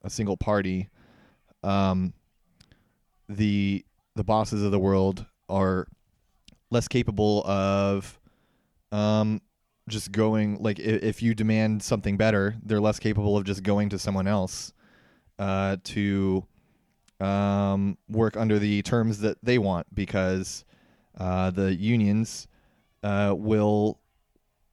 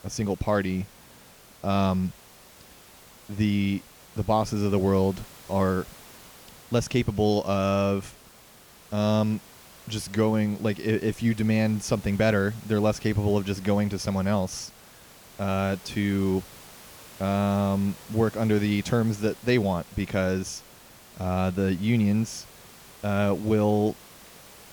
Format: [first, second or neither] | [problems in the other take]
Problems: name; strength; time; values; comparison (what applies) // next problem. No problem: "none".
first | hiss; faint; throughout; 20 dB below the speech